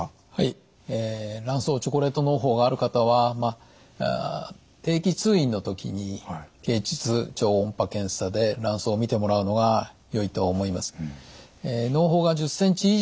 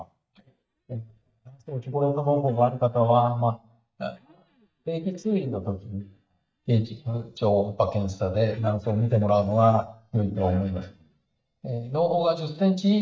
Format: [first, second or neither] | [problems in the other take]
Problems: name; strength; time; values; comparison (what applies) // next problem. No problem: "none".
first | noise reduction (neural mask model DeepFilterNet 3)